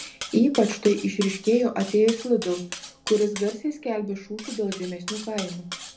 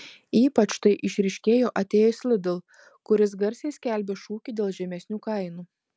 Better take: second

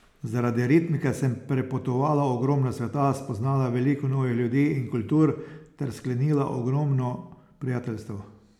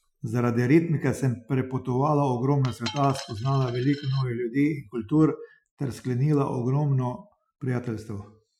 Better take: first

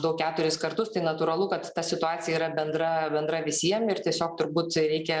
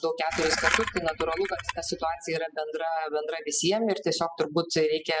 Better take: first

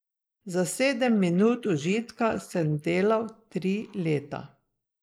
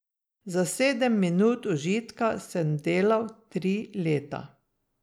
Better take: second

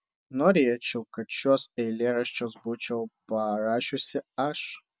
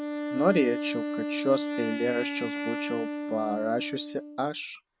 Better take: first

